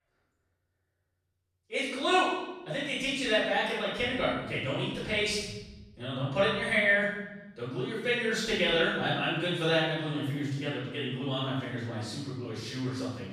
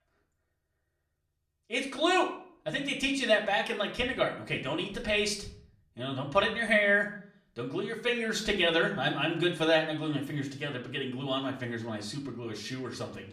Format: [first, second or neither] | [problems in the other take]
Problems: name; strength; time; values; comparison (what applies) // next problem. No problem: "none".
second | room echo; strong; dies away in 1.1 s; slight in the second // off-mic speech; far; far in the second